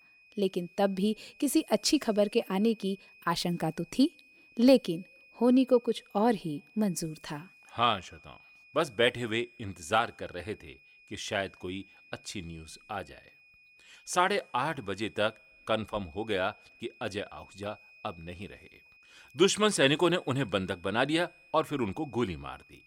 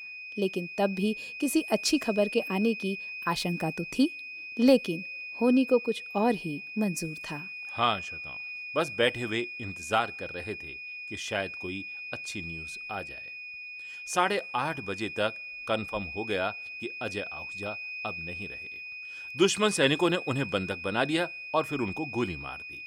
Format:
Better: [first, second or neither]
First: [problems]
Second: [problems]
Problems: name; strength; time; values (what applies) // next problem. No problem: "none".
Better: first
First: high-pitched whine; faint; throughout; 2.5 kHz, 25 dB below the speech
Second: high-pitched whine; loud; throughout; 2.5 kHz, 8 dB below the speech